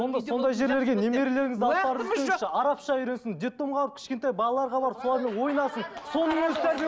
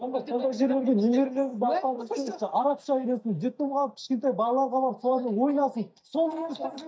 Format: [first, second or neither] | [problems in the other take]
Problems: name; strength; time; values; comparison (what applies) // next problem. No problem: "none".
first | noise reduction (neural mask model DeepFilterNet 3)